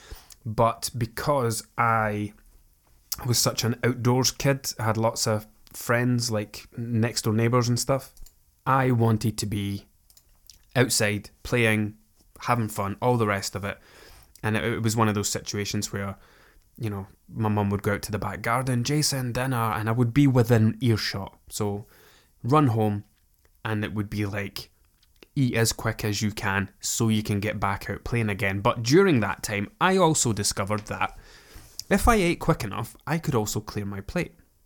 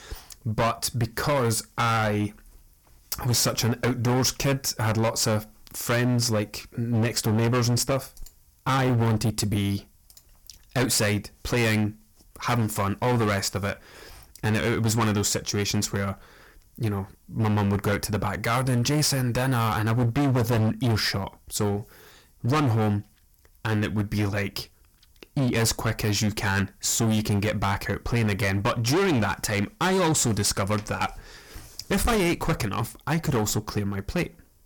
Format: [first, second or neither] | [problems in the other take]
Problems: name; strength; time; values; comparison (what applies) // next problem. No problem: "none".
first | distortion; heavy; 17% of the sound clipped